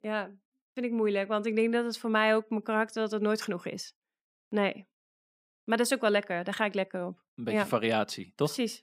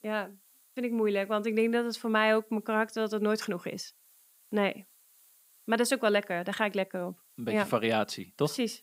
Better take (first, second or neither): first